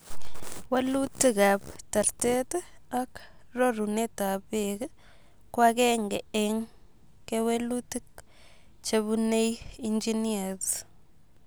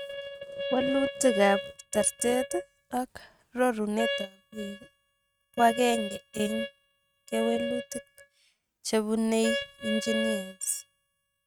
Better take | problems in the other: first | noise reduction (neural mask model RNNoise)

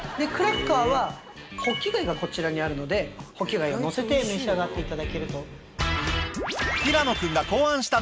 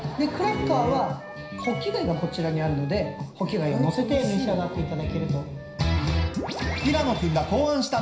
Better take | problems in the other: first | background sound (Wind instrument, woodwind instrument); 17 dB below the speech // room echo; dies away in 0.5 s

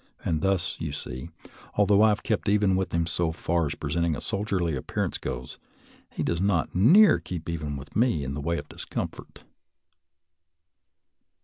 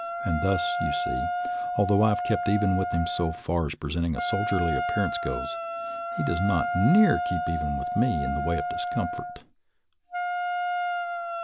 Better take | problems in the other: first | background sound (Wind instrument, woodwind instrument); 2 dB below the speech

